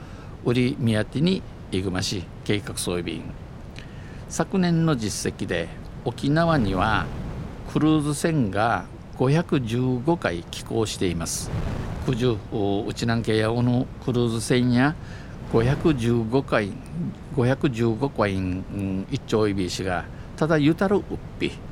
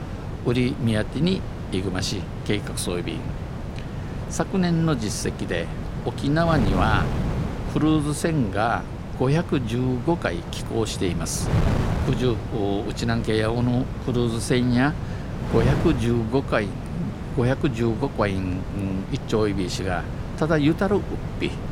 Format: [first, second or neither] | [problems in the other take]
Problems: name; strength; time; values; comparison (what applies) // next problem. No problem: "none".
first | wind noise on the microphone; heavy; 9 dB below the speech; occasional gusts in the first